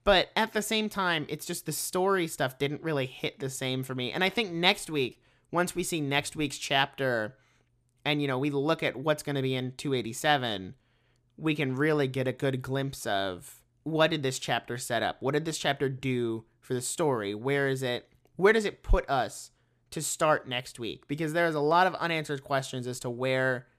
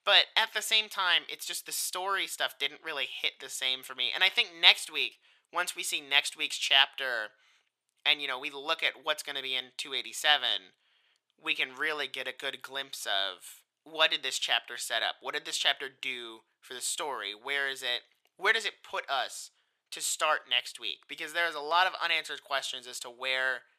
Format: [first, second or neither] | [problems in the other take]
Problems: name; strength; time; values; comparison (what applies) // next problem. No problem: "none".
first | thin; very; fading below 850 Hz